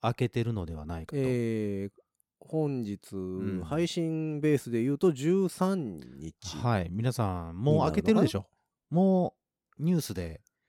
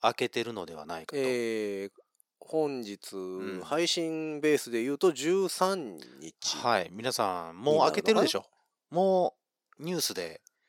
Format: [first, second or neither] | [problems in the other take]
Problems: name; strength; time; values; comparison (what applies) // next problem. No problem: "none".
first | thin; somewhat; fading below 450 Hz